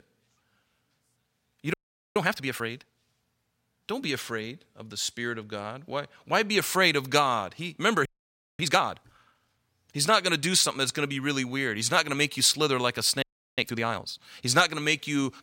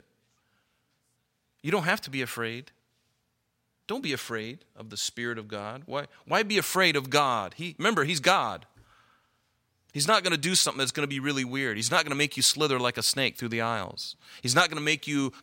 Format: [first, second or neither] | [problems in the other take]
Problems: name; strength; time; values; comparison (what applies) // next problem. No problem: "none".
second | audio freezing; at 1.5 s, at 8 s for 0.5 s and at 13 s